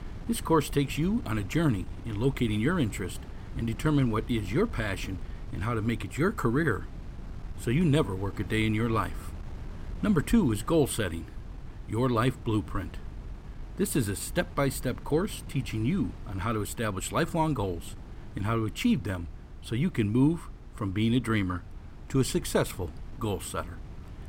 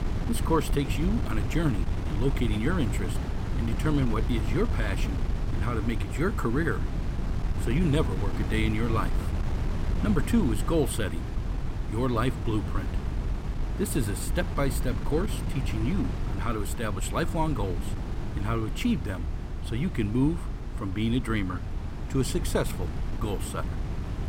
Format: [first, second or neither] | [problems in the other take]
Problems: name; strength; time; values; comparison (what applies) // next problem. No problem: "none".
first | wind noise on the microphone; heavy; 8 dB below the speech; occasional gusts in the first